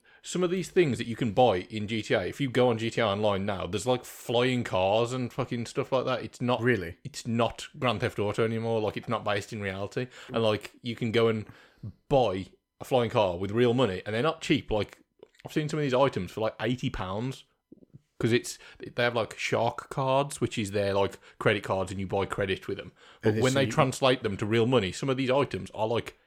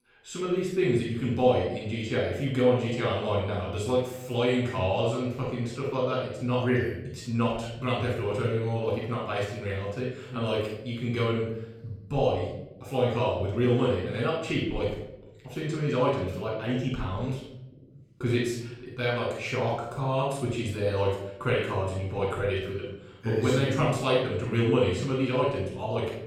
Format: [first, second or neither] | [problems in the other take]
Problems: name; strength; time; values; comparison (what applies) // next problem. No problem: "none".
first | off-mic speech; far // room echo; noticeable; dies away in 0.8 s